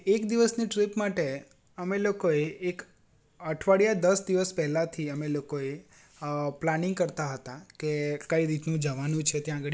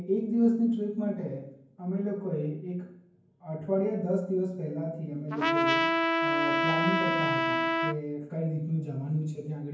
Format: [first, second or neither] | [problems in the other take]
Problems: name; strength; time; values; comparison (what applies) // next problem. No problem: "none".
first | background sound (Trumpet); 4 dB above the speech // room echo; dies away in 0.9 s